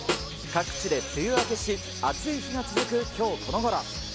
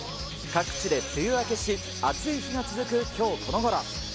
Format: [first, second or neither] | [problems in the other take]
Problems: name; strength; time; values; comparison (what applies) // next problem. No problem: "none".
second | background sound (Snare drum); 7 dB below the speech